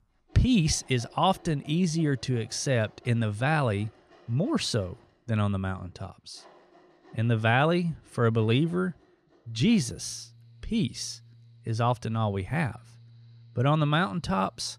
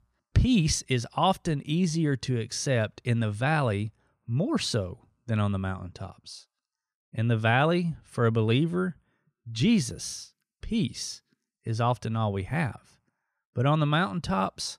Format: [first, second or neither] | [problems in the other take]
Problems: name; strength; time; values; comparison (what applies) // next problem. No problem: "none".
second | machinery noise; faint; throughout; 30 dB below the speech